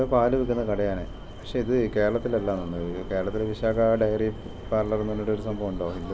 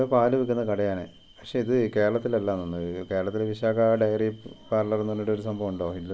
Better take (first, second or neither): second